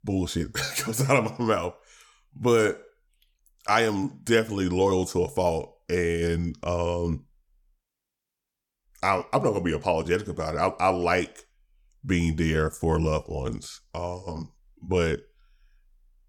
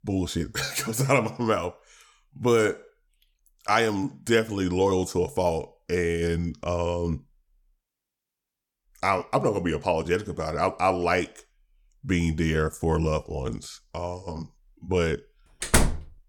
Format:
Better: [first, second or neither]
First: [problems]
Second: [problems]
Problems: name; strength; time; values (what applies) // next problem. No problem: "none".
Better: first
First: none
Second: door banging; loud; at 16 s; peak 3 dB above the speech